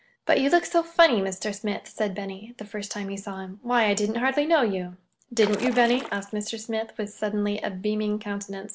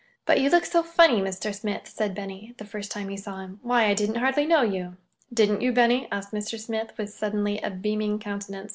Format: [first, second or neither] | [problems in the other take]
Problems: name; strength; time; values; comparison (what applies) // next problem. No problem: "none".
second | background sound (Splash, splatter); 12 dB below the speech